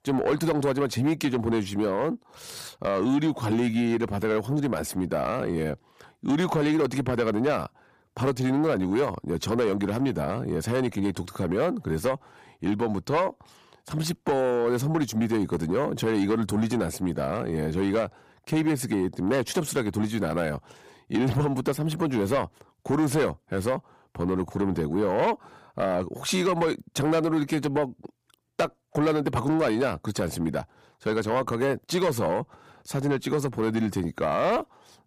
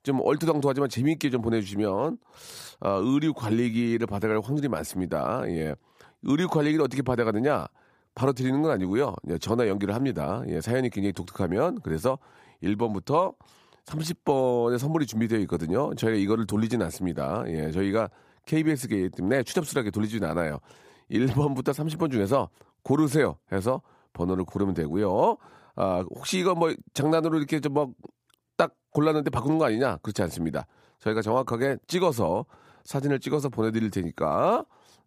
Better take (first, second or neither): second